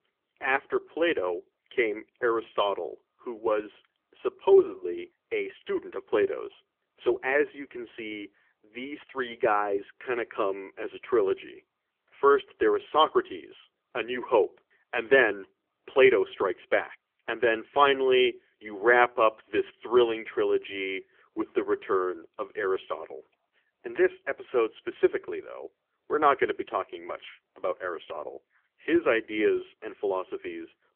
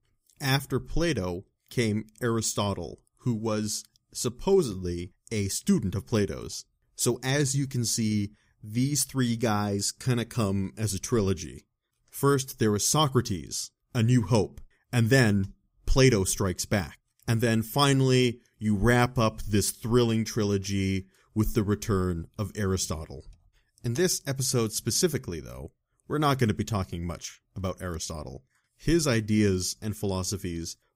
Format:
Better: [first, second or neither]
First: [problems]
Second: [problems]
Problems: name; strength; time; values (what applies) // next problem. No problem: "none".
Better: second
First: phone-call audio; nothing above 3.5 kHz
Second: none